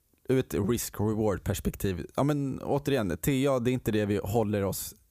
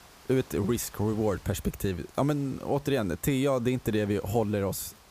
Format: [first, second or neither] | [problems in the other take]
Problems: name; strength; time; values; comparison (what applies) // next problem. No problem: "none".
first | hiss; faint; throughout; 25 dB below the speech